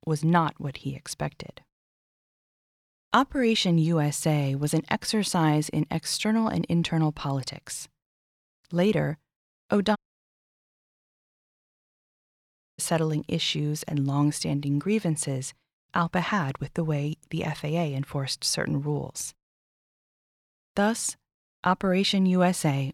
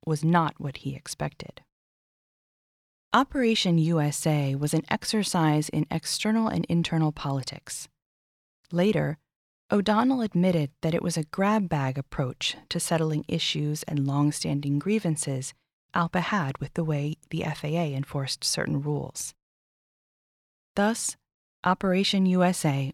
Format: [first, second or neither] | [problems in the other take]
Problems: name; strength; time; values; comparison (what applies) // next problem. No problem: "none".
second | audio cutting out; at 10 s for 3 s